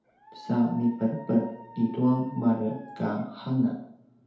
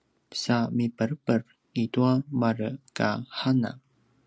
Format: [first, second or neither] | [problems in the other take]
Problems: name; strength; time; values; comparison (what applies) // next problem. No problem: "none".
second | background sound (Dog); 19 dB below the speech // room echo; dies away in 0.8 s